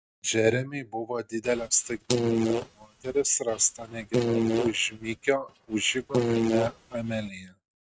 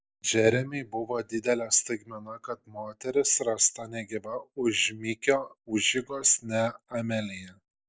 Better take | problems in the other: second | noise reduction (neural mask model RNNoise)

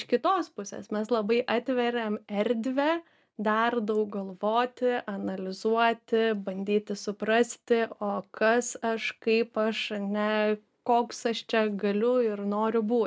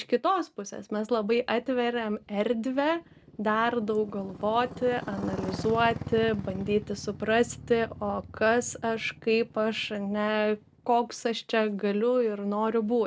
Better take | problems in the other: first | background sound (Motorcycle); 15 dB below the speech

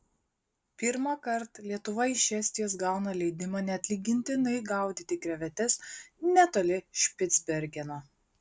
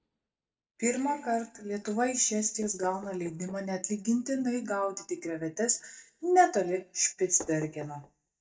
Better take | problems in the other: first | noise reduction (neural mask model DeepFilterNet 3)

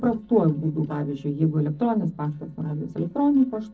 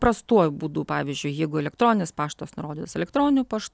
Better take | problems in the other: second | noise reduction (neural separator model SepFormer DNS4)

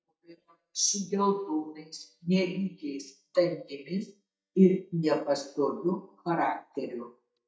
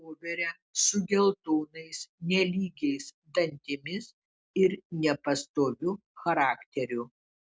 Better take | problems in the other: second | noise reduction (neural mask model DeepFilterNet 3)

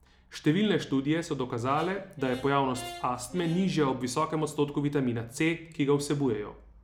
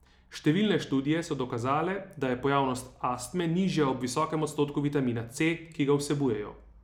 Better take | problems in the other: second | background sound (Brass instrument); 17 dB below the speech

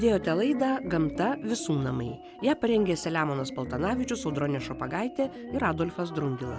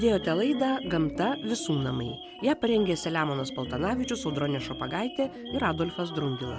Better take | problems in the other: first | background sound (Alarm); 17 dB below the speech

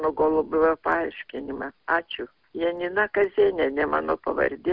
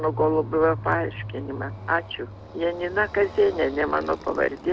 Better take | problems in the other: first | background sound (Motorcycle); 12 dB below the speech

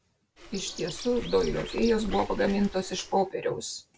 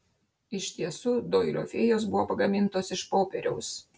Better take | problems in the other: second | background sound (Bird); 10 dB below the speech

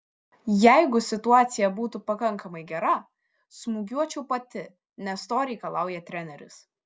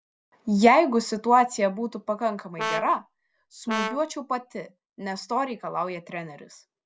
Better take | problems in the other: first | background sound (Brass instrument); 8 dB below the speech

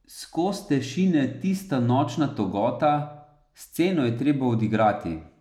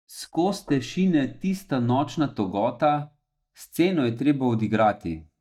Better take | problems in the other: first | noise reduction (neural mask model DeepFilterNet 3)

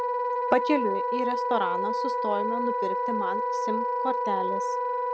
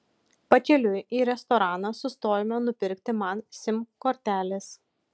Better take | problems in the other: second | background sound (Wind instrument, woodwind instrument); 3 dB above the speech

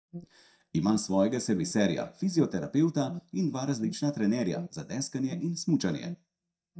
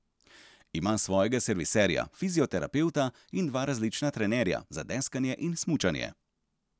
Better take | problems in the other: second | noise reduction (neural mask model DeepFilterNet 3)

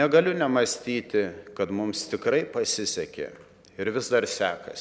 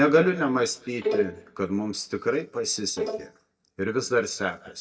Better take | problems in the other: first | noise reduction (neural mask model DeepFilterNet 3)

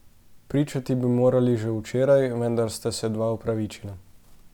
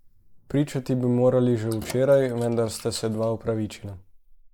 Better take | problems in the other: first | noise reduction (neural mask model Resemble Enhance denoiser)

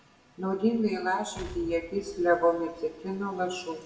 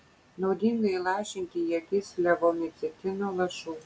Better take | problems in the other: second | background sound (Explosion); 18 dB below the speech // room echo; dies away in 0.8 s

